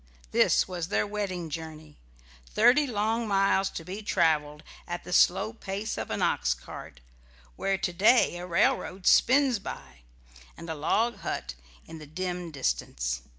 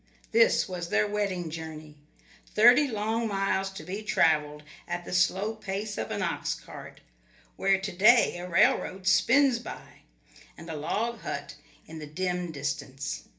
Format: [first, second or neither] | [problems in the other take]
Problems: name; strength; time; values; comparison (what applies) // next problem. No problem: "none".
first | room echo; dies away in 0.3 s